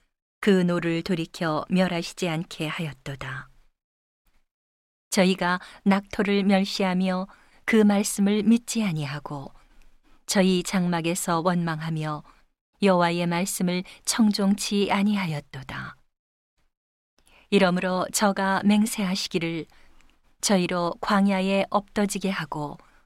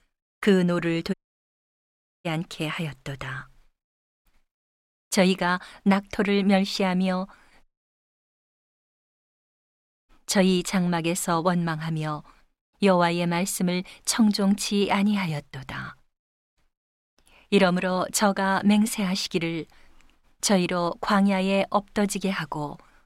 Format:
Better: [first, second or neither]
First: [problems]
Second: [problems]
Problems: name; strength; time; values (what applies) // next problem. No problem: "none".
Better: first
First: none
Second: audio cutting out; at 1 s for 1 s and at 7.5 s for 2.5 s